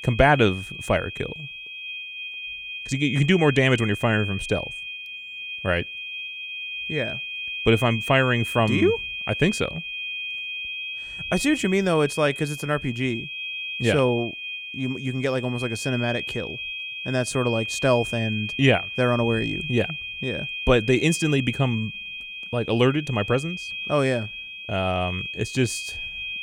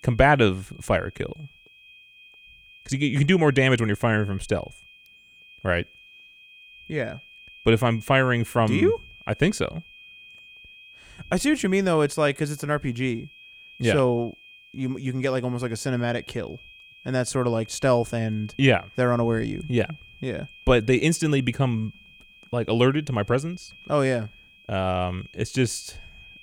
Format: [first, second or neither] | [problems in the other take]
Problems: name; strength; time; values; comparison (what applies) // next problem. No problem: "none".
second | high-pitched whine; loud; throughout; 2.5 kHz, 7 dB below the speech; faint in the second